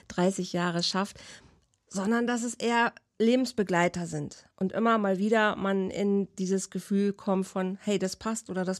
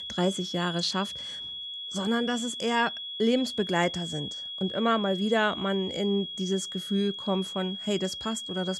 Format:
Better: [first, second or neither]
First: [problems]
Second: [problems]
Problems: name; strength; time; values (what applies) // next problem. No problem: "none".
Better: first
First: none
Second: high-pitched whine; loud; throughout; 3.5 kHz, 6 dB below the speech